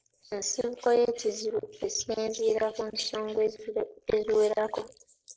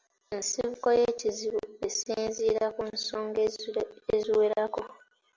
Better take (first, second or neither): second